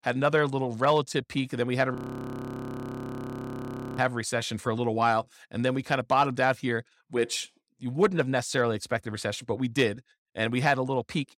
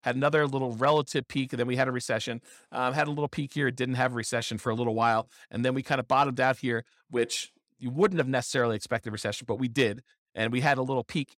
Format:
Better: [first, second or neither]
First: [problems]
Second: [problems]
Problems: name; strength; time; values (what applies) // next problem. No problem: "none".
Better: second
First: audio freezing; at 2 s for 2 s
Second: none